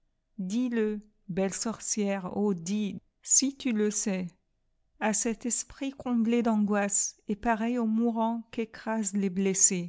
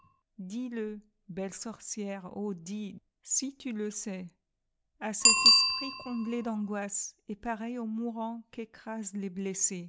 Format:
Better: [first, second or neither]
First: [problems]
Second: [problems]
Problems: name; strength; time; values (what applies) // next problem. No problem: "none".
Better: first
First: none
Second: background sound (Bicycle bell); 3 dB above the speech